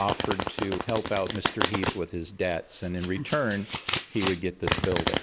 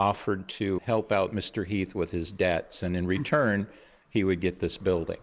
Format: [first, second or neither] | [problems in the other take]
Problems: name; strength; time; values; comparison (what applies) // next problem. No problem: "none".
second | background sound (Domestic sounds, home sounds); 2 dB below the speech